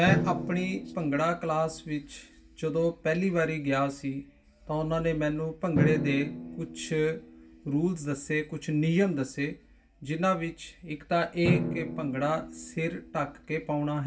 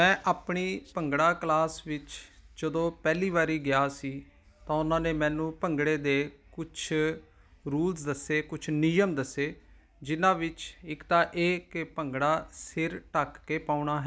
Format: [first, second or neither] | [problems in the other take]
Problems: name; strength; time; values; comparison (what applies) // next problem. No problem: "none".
second | background sound (Drum); 7 dB below the speech // room echo; dies away in 0.2 s